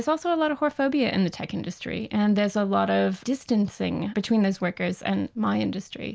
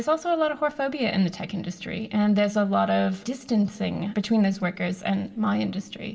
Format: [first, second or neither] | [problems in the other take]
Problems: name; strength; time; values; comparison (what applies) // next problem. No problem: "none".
first | room echo; dies away in 1.6 s